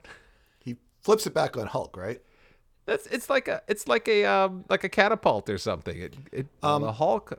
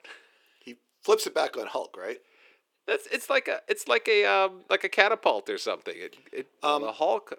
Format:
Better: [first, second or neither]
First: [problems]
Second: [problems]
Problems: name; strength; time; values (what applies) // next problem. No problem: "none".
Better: first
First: none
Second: thin; somewhat; fading below 350 Hz